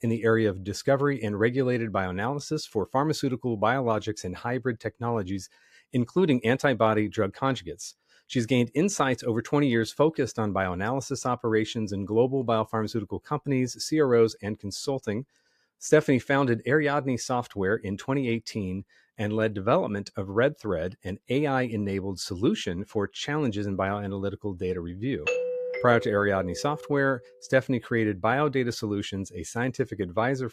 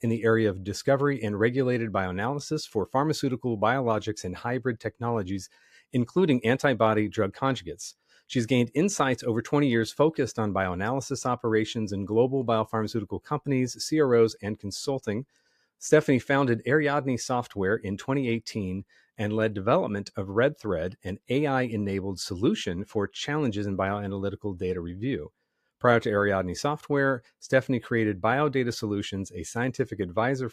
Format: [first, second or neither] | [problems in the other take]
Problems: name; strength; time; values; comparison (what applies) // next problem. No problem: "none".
second | doorbell; noticeable; from 25 to 27 s; peak 1 dB below the speech